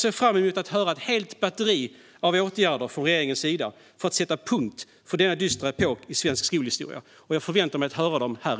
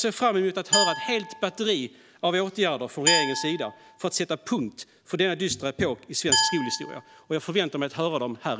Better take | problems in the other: first | background sound (Glass); 3 dB below the speech

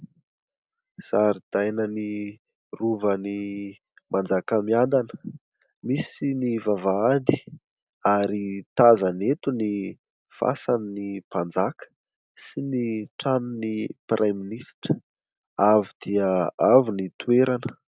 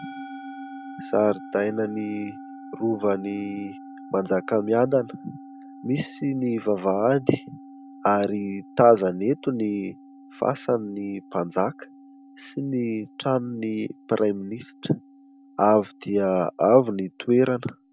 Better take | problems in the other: first | background sound (Musical instrument); 19 dB below the speech

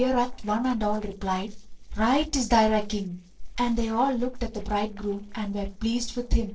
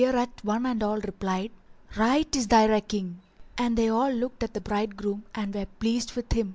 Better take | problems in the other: second | noise reduction (neural separator model SepFormer DNS4)

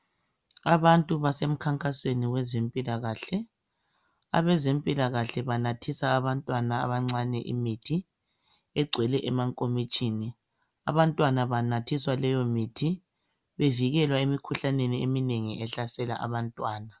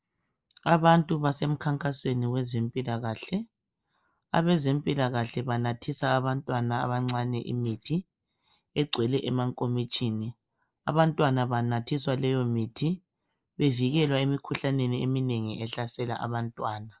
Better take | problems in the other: first | noise reduction (neural mask model Resemble Enhance denoiser)

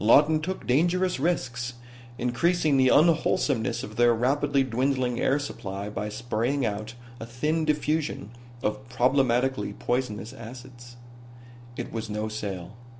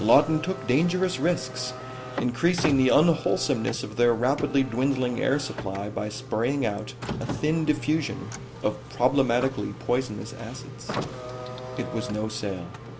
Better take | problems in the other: first | background sound (Car); 11 dB below the speech

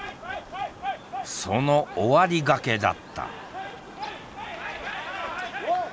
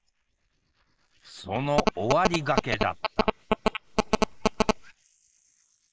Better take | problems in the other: first | noise reduction (neural mask model Resemble Enhance denoiser)

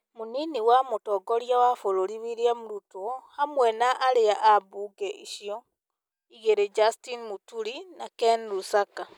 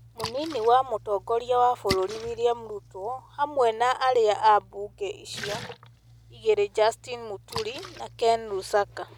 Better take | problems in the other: first | background sound (Splash, splatter); 16 dB below the speech

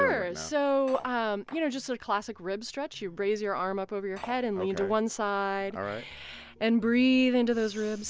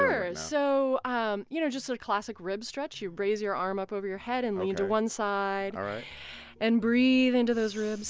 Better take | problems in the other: second | background sound (Cutlery, silverware); 19 dB below the speech

